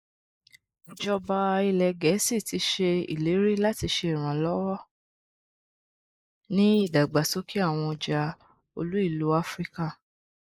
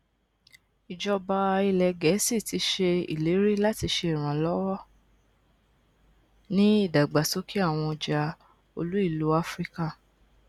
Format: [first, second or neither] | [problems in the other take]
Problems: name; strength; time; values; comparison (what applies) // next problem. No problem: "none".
second | noise reduction (neural mask model Resemble Enhance denoiser)